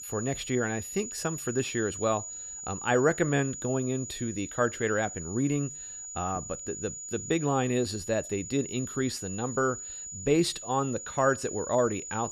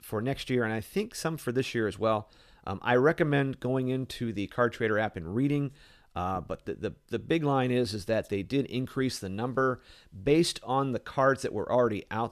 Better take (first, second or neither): second